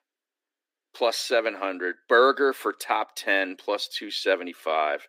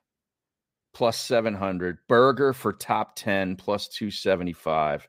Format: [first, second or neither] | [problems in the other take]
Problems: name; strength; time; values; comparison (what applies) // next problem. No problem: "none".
second | thin; somewhat; fading below 300 Hz